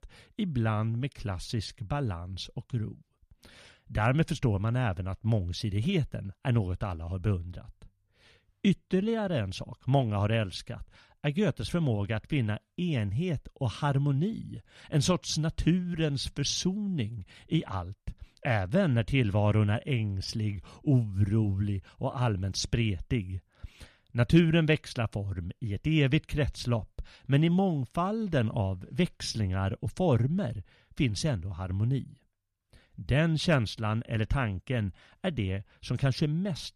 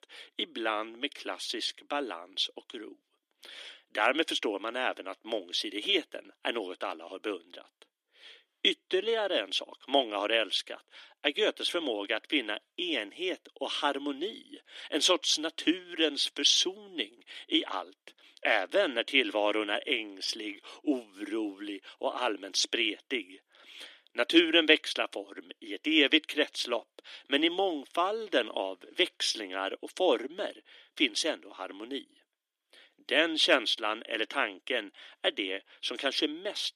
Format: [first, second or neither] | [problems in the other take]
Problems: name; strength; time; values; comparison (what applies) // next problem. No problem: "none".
first | thin; very; fading below 300 Hz